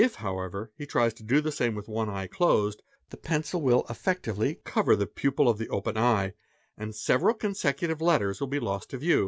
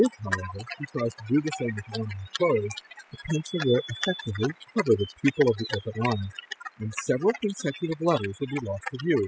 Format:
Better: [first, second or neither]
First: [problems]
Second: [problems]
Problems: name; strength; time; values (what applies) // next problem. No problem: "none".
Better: first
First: none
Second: noise reduction (classical method spectral subtraction)